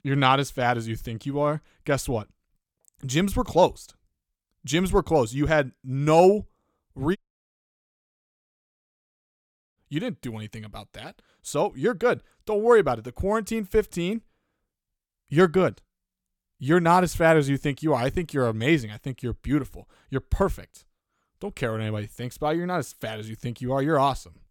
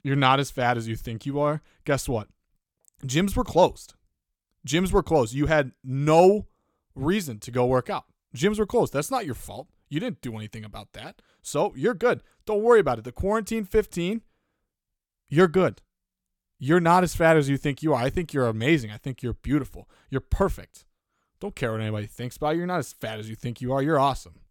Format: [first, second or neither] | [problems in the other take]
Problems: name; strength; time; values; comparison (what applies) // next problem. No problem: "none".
second | audio cutting out; at 7 s for 2.5 s